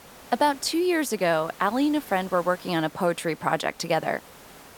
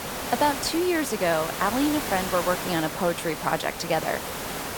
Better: first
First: hiss; faint; throughout; 20 dB below the speech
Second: hiss; loud; throughout; 5 dB below the speech

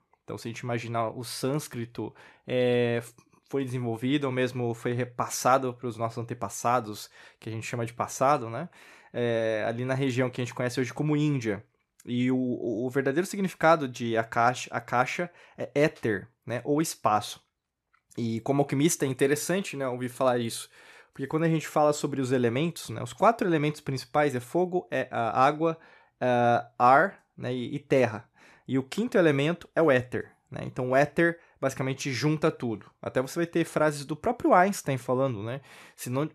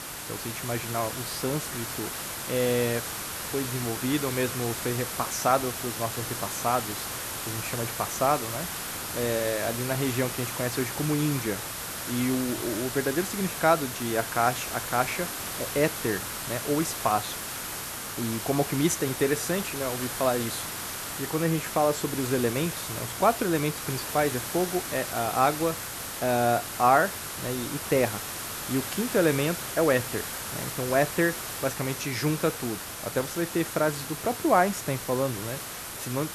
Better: first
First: none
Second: hiss; loud; throughout; 5 dB below the speech

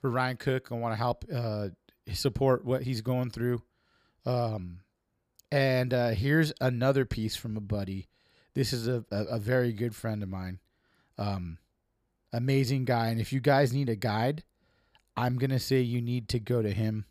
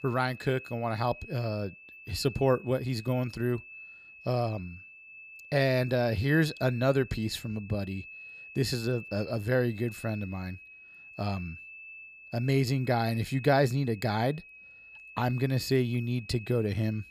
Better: first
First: none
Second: high-pitched whine; noticeable; throughout; 2.5 kHz, 15 dB below the speech

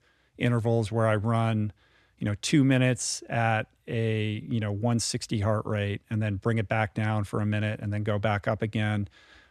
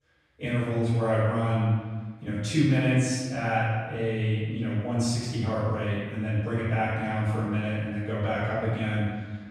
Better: first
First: none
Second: room echo; strong; dies away in 1.3 s // off-mic speech; far

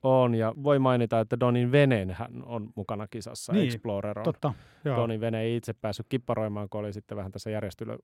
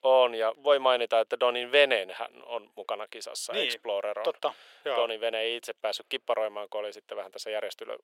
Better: first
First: none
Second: thin; very; fading below 500 Hz

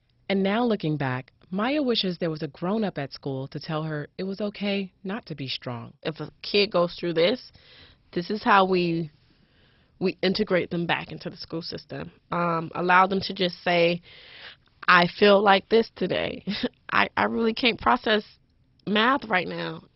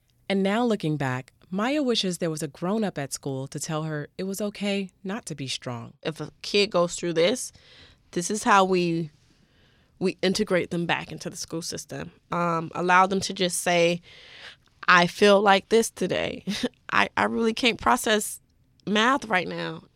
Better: second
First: garbled, watery; badly; nothing above 5.5 kHz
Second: none

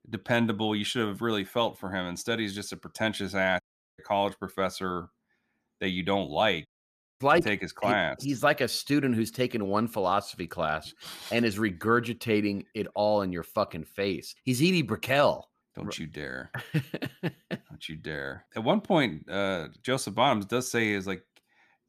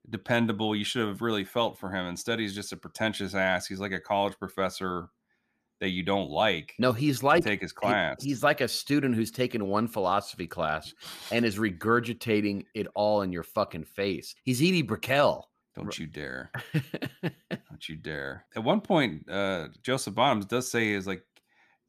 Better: second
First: audio cutting out; at 3.5 s and at 6.5 s for 0.5 s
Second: none

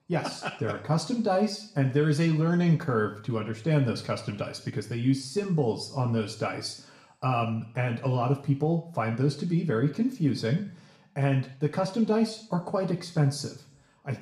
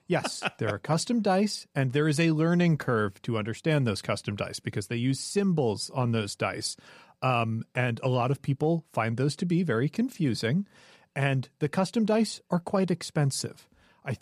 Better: second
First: room echo; slight; dies away in 0.5 s // off-mic speech; somewhat distant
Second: none

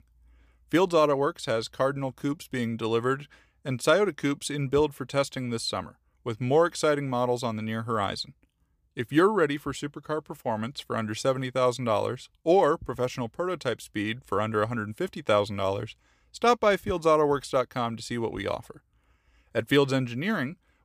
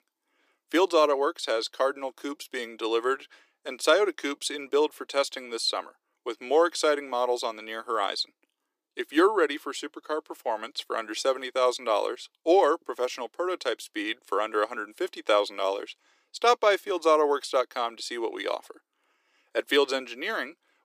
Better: first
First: none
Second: thin; somewhat; fading below 350 Hz

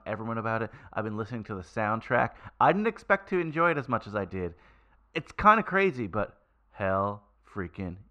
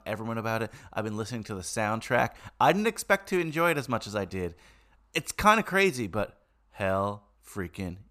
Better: second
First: muffled; very; fading above 2 kHz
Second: none

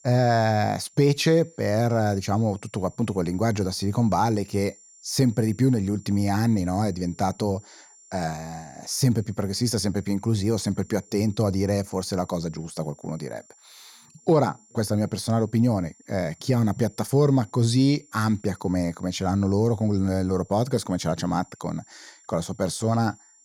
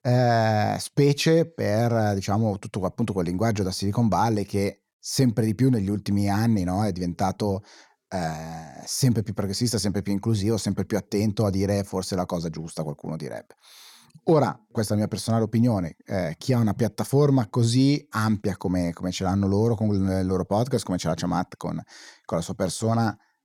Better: second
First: high-pitched whine; faint; throughout; 7 kHz, 25 dB below the speech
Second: none

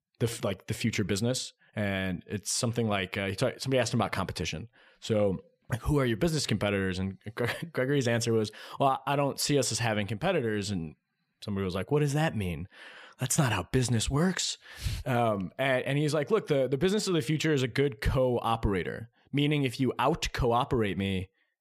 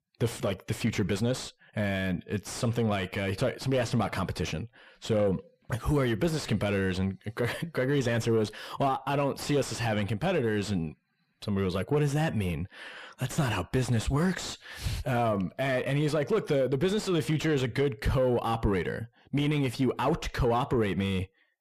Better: first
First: none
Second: distortion; slight; 10 dB below the speech

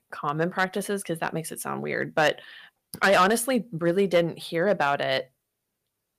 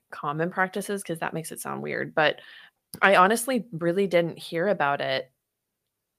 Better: second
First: distortion; slight; 1.9% of the sound clipped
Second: none

